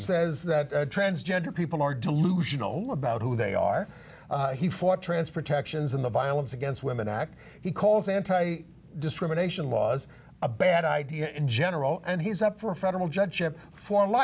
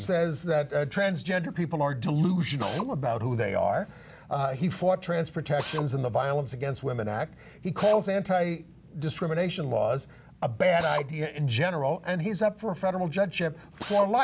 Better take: first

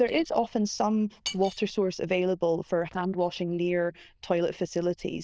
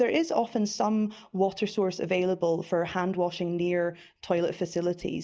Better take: second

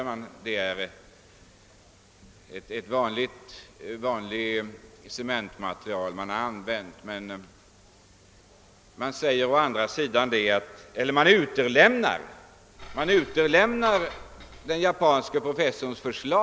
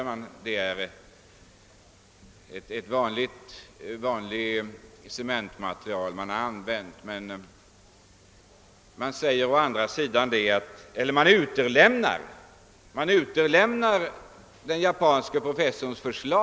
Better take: second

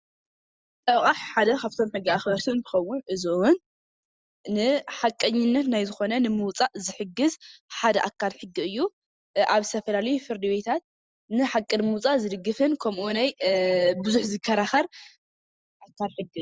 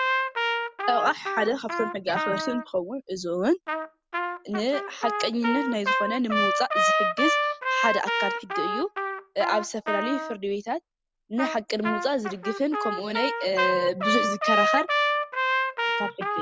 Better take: first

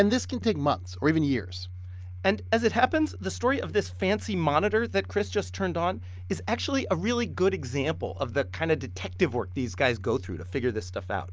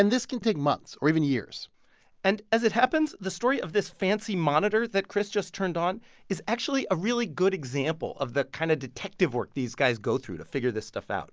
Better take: second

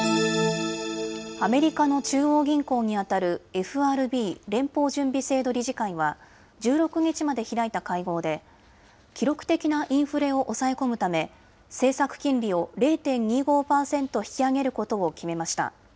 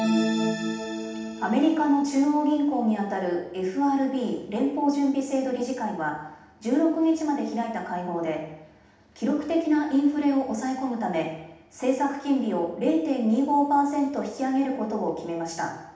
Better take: first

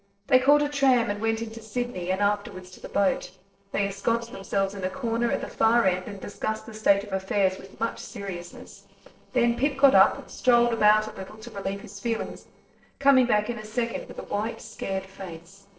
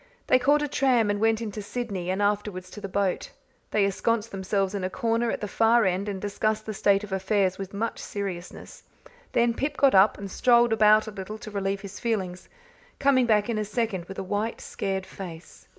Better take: second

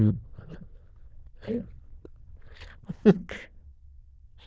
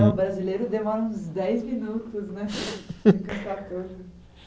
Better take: second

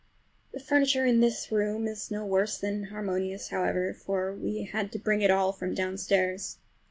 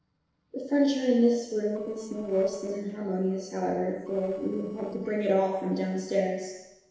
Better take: first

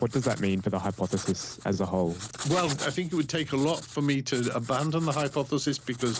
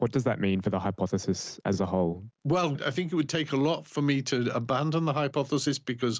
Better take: second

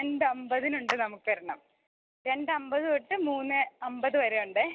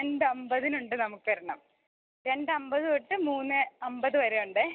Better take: second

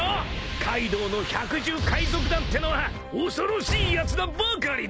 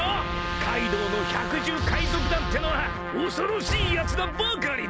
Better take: first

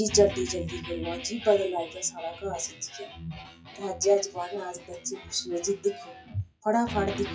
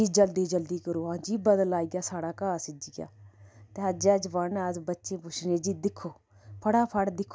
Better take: second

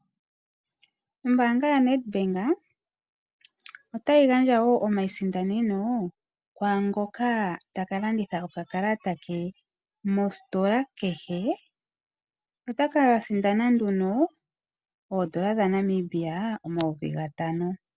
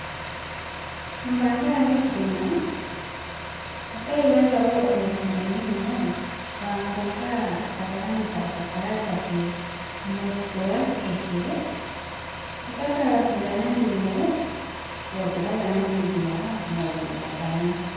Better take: first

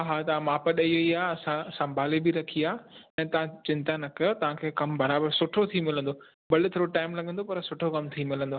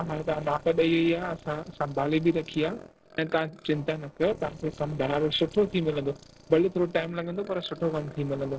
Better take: first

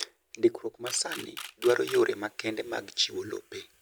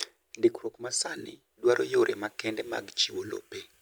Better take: second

